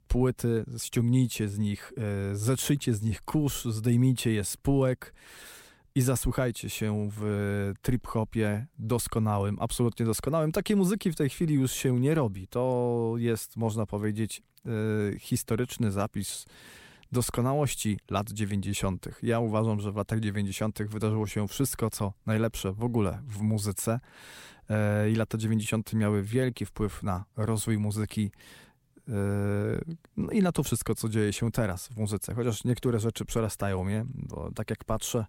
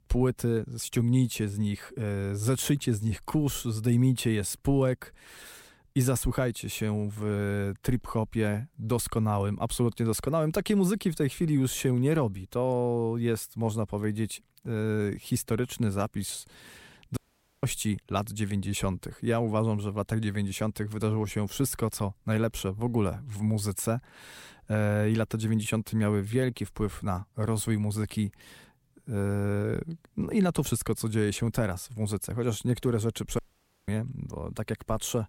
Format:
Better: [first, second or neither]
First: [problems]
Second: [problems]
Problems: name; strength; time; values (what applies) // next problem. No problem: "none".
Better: first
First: none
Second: audio cutting out; at 17 s and at 33 s